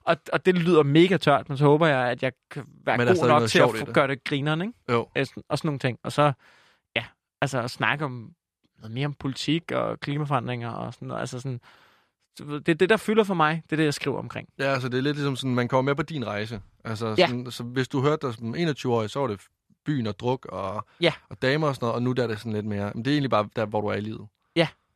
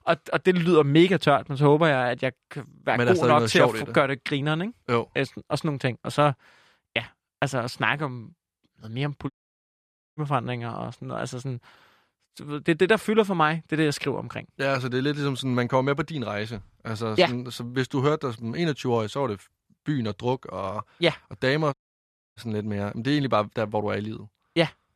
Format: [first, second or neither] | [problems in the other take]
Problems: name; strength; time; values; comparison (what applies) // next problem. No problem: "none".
first | audio cutting out; at 9.5 s for 1 s and at 22 s for 0.5 s